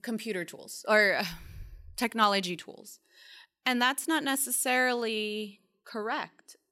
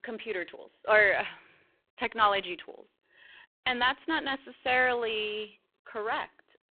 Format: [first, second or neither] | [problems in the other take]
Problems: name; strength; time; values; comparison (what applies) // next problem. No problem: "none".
first | phone-call audio; poor line